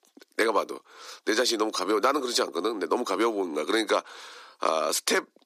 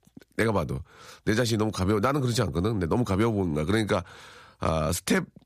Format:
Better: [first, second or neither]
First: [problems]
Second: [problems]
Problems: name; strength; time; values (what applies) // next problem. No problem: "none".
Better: second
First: thin; somewhat; fading below 300 Hz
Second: none